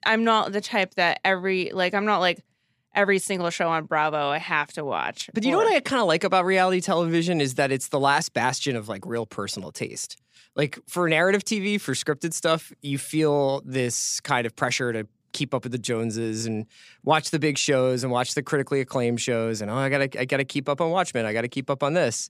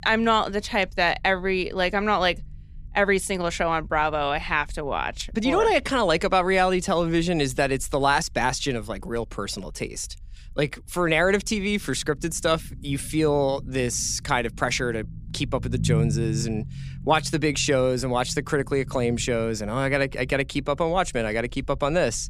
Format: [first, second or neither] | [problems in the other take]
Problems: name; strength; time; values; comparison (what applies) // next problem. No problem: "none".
first | low rumble; faint; throughout; 20 dB below the speech